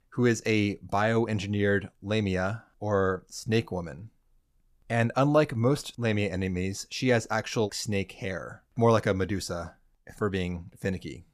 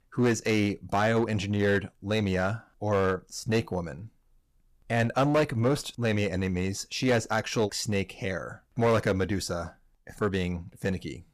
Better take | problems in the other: first | distortion; slight; 6% of the sound clipped

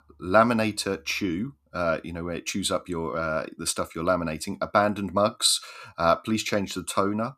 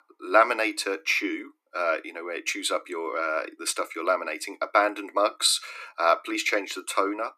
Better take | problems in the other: first | thin; somewhat; fading below 300 Hz

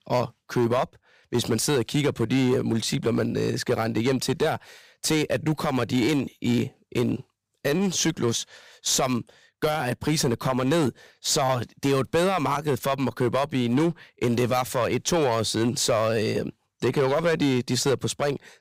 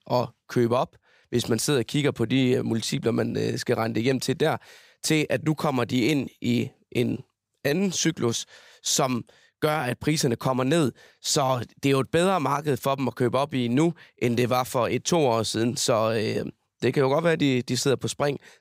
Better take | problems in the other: second | distortion; slight; 6% of the sound clipped

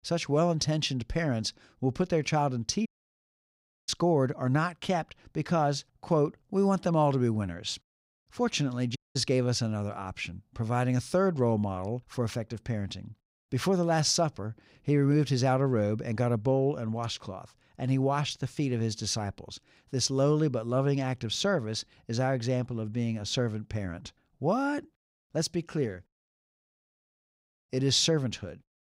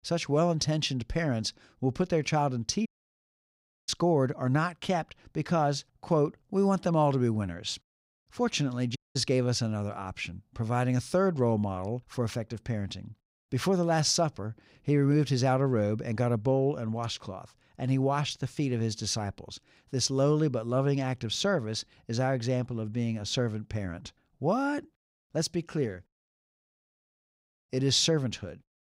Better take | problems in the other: neither | audio cutting out; at 3 s for 1 s, at 9 s and at 26 s for 1.5 s; the same in both

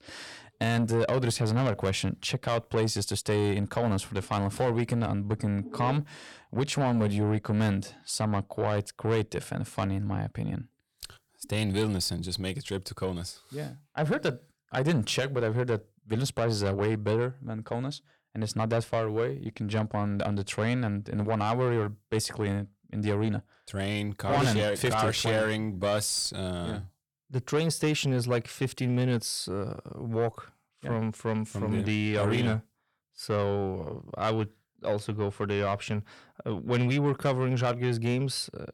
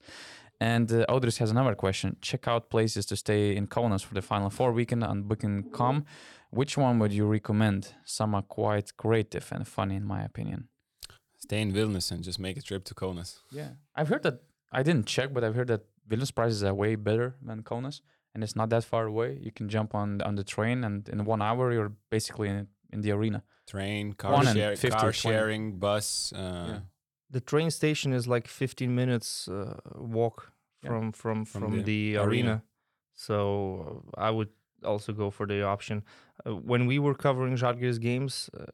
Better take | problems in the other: second | distortion; slight; 10 dB below the speech

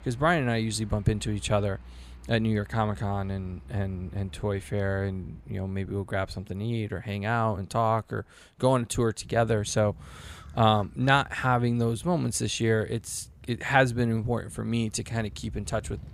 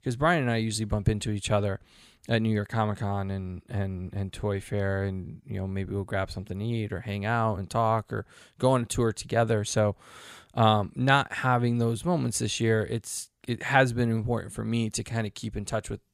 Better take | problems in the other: second | traffic noise; faint; throughout; 20 dB below the speech

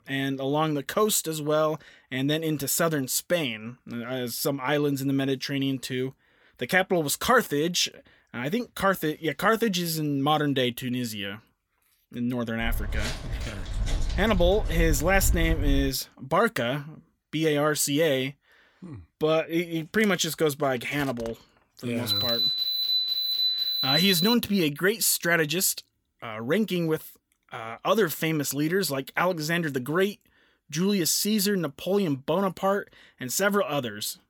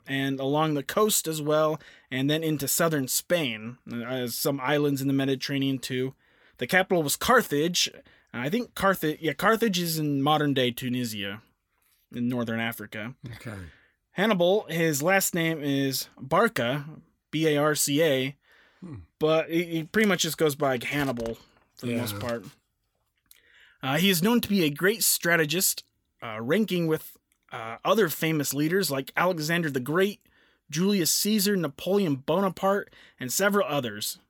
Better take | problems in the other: second | footsteps; noticeable; from 13 to 16 s; peak 3 dB below the speech // alarm; loud; from 22 to 24 s; peak 3 dB above the speech

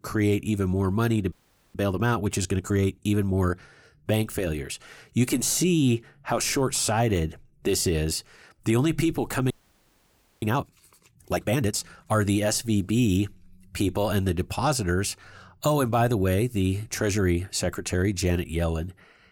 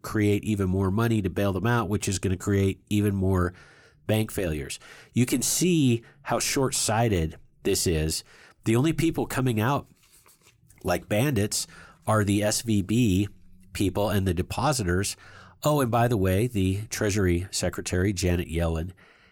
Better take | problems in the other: second | audio freezing; at 1.5 s and at 9.5 s for 1 s

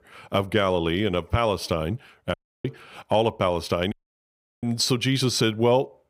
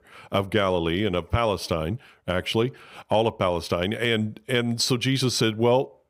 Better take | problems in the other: second | audio cutting out; at 2.5 s and at 4 s for 0.5 s

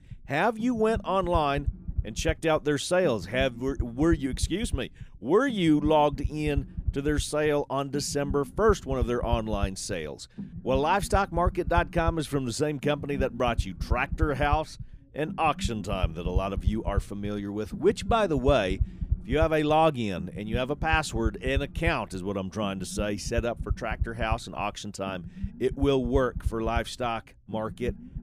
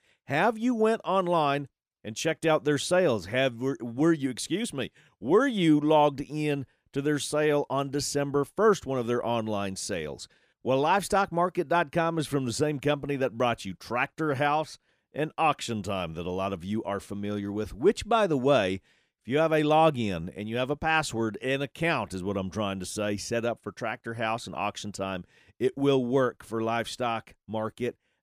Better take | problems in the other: second | low rumble; faint; throughout; 20 dB below the speech

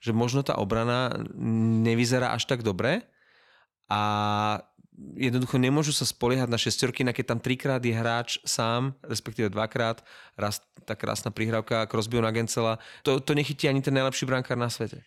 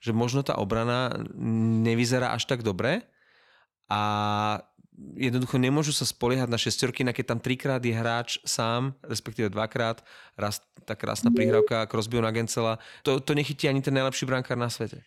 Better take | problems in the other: first | alarm; loud; at 11 s; peak 5 dB above the speech

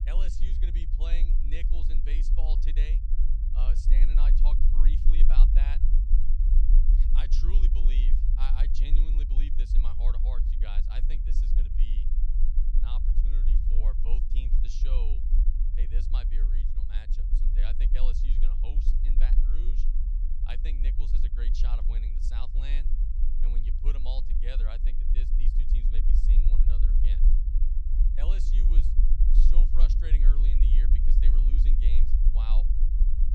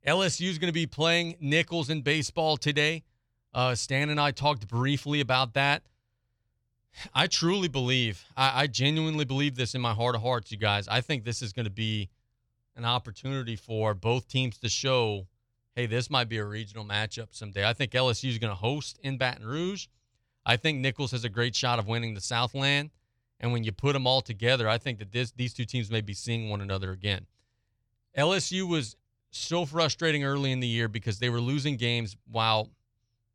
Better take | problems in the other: second | low rumble; loud; throughout; 4 dB below the speech

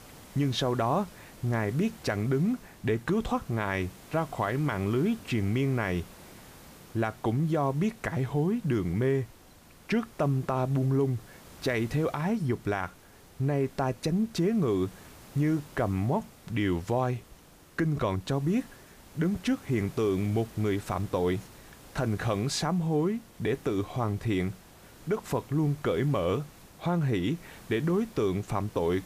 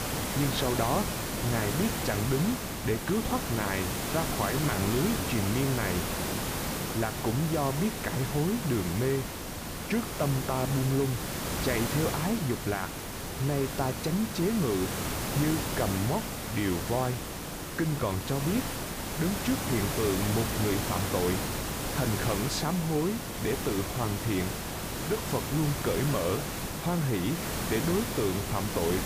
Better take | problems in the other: first | hiss; loud; throughout; 2 dB below the speech; faint in the first

